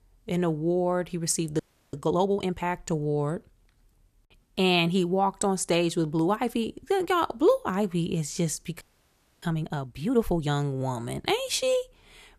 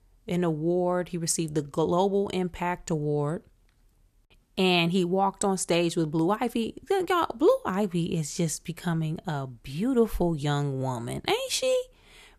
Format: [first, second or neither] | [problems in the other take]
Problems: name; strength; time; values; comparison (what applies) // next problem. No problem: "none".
second | audio freezing; at 1.5 s and at 9 s for 0.5 s